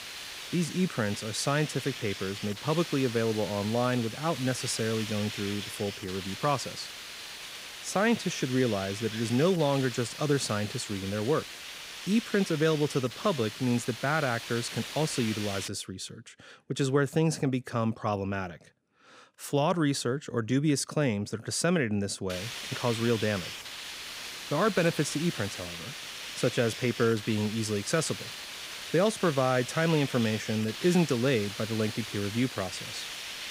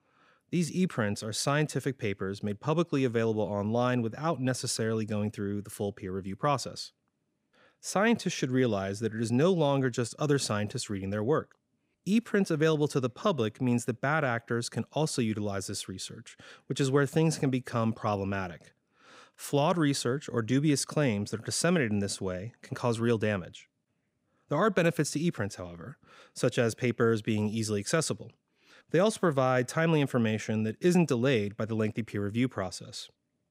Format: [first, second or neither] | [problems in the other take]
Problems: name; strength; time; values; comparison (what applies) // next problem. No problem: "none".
second | hiss; loud; until 16 s and from 22 s on; 9 dB below the speech